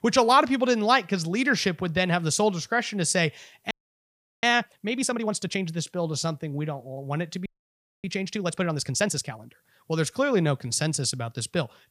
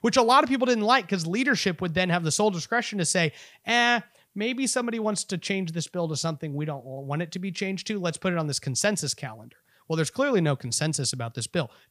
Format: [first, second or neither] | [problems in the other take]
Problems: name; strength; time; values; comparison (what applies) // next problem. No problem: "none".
second | audio freezing; at 3.5 s for 0.5 s and at 7.5 s for 0.5 s